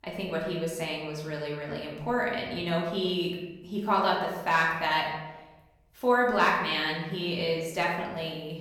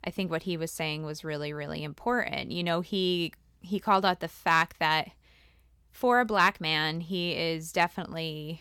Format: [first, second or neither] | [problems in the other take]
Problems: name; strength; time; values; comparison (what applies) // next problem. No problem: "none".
second | room echo; noticeable; dies away in 0.9 s // off-mic speech; far